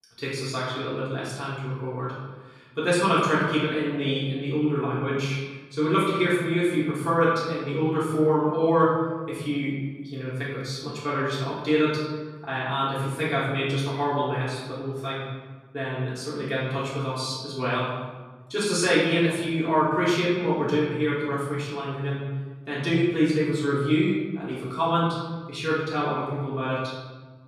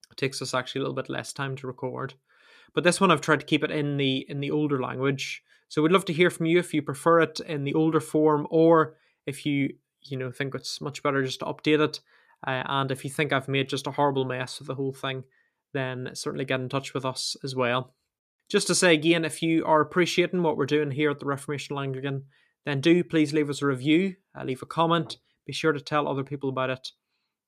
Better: second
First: room echo; noticeable; dies away in 1.3 s // off-mic speech; far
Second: none

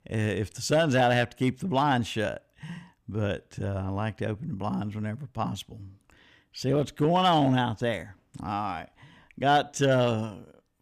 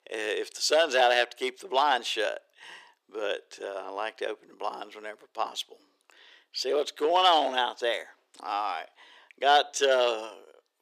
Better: first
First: none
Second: thin; very; fading below 400 Hz

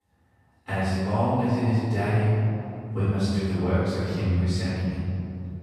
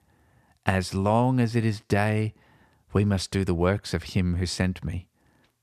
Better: second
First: off-mic speech; far // room echo; strong; dies away in 2.8 s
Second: none

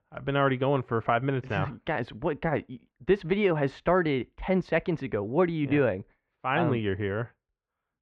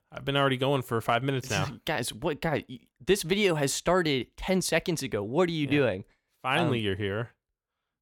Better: second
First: muffled; very; fading above 2 kHz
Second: none

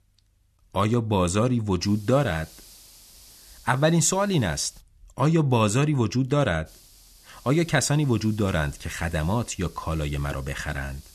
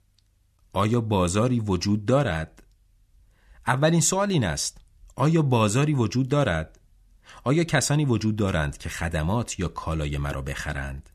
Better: second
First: hiss; faint; from 2 to 5 s and from 6.5 s on; 25 dB below the speech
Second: none

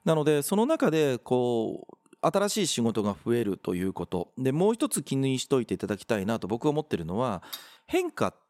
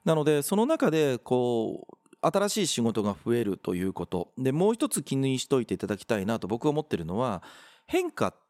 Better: second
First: clattering dishes; faint; at 7.5 s; peak 15 dB below the speech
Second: none

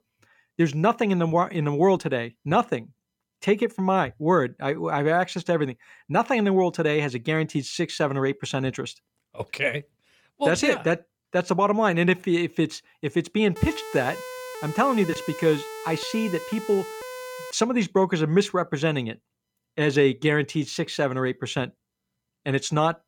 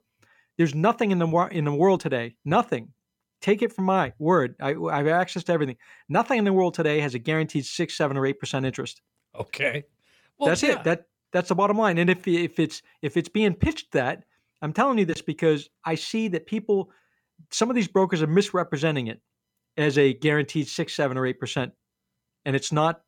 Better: second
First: siren; faint; from 14 to 18 s; peak 10 dB below the speech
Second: none

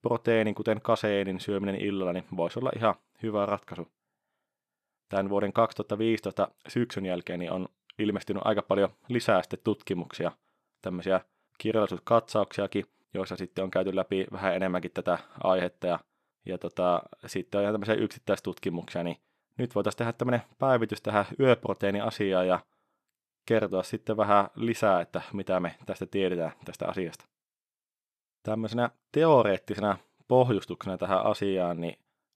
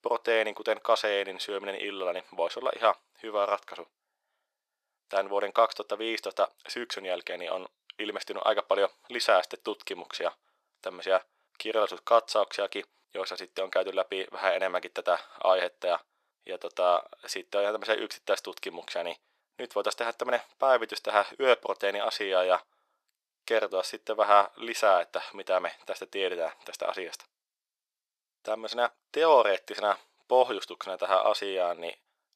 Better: first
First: none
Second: thin; very; fading below 500 Hz

